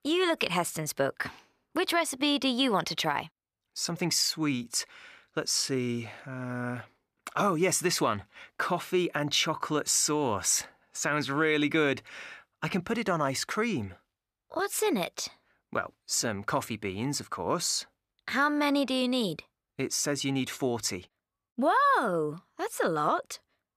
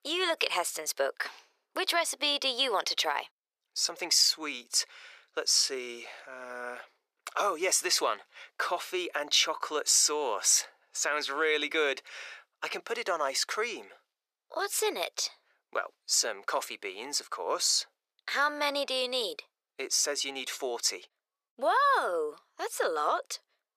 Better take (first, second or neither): first